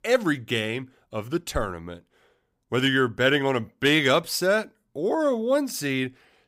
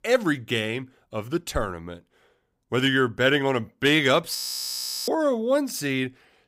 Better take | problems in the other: first | audio freezing; at 4.5 s for 0.5 s

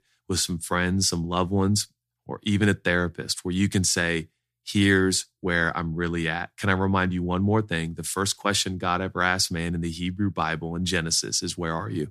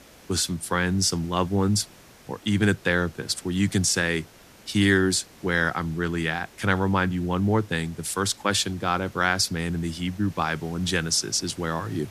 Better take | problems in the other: first | hiss; faint; throughout; 25 dB below the speech

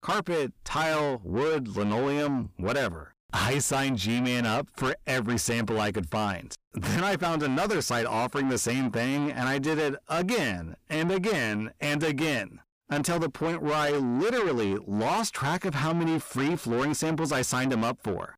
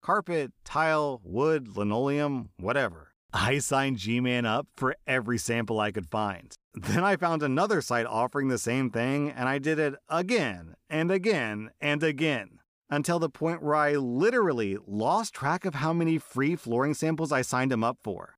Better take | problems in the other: second | distortion; heavy; 6 dB below the speech

